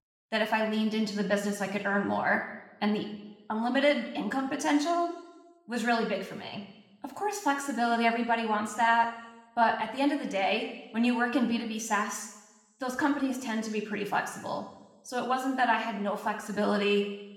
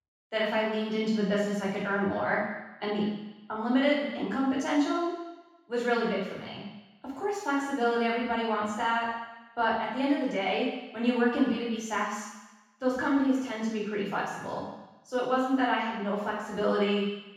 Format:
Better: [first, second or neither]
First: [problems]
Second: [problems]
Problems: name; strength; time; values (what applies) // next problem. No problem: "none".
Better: first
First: room echo; slight; dies away in 1 s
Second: room echo; strong; dies away in 1.1 s // off-mic speech; far